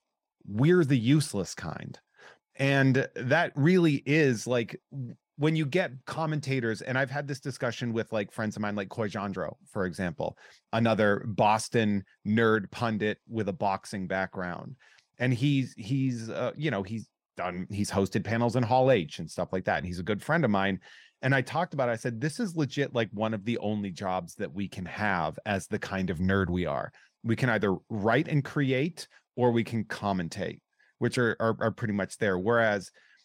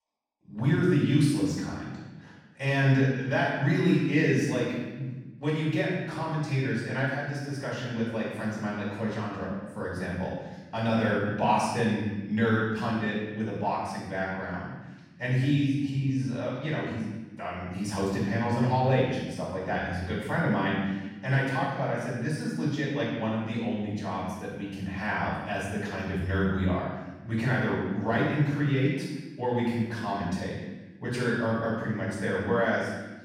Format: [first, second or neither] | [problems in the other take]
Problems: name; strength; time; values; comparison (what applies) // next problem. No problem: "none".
first | room echo; strong; dies away in 1.1 s // off-mic speech; far